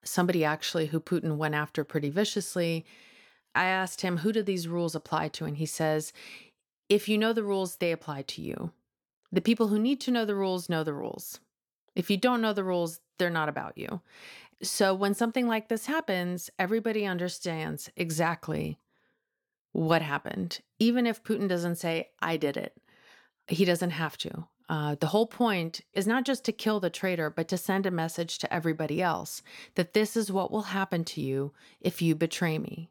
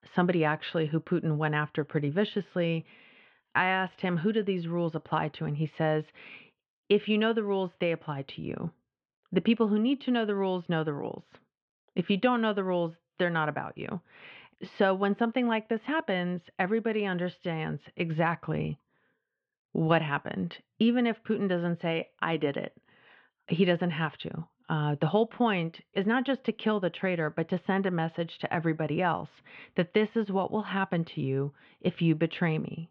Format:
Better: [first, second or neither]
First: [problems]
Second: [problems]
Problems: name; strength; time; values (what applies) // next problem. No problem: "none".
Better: first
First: none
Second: muffled; very; fading above 3 kHz